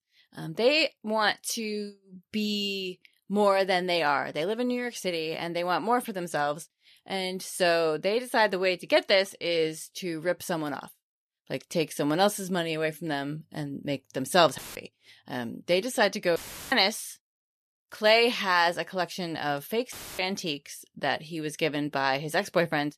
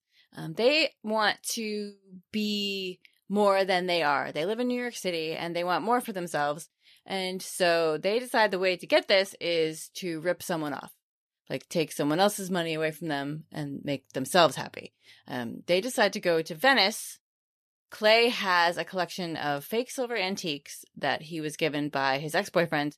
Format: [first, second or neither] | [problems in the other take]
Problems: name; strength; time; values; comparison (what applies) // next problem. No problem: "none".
second | audio cutting out; filled with static; at 15 s, at 16 s and at 20 s